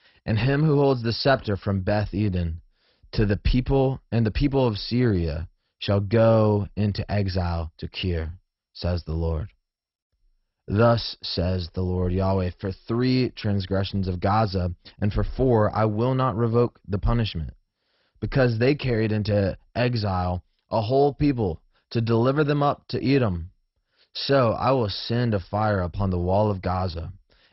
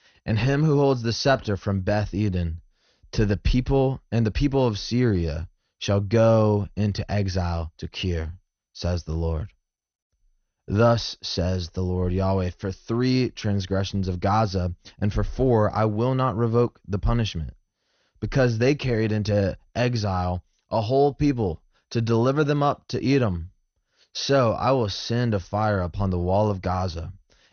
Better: second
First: garbled, watery; badly; nothing above 5.5 kHz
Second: garbled, watery; slightly; nothing above 6.5 kHz

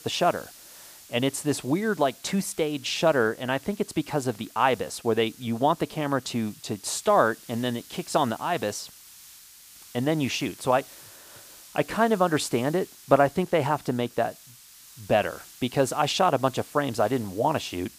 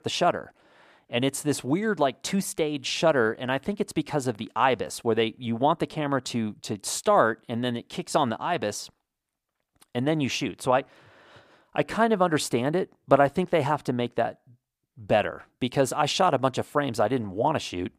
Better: second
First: hiss; faint; throughout; 20 dB below the speech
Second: none

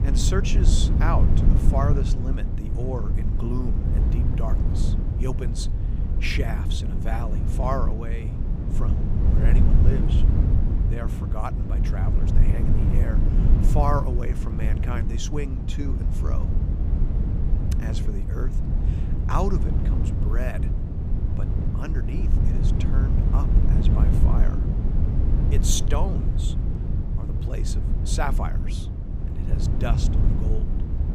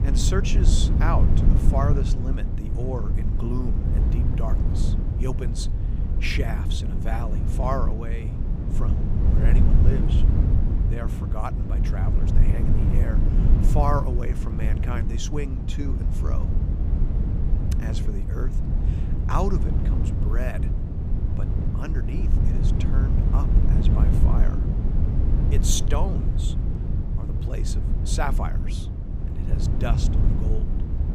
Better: neither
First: low rumble; loud; throughout; 4 dB below the speech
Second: low rumble; loud; throughout; 4 dB below the speech

